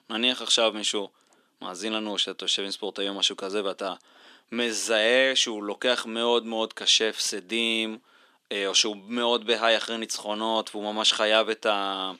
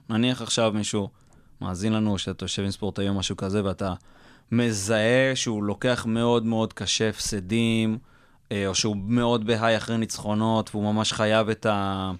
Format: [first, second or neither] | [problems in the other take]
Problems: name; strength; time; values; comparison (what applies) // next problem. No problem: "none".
second | thin; somewhat; fading below 300 Hz